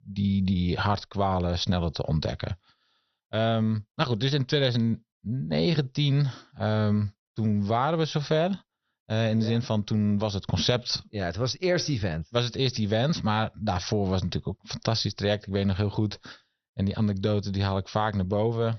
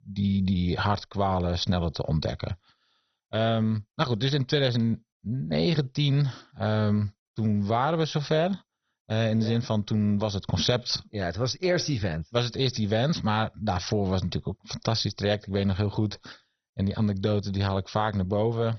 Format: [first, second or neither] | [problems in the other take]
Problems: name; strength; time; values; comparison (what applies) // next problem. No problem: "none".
first | garbled, watery; badly; nothing above 6 kHz; slightly in the first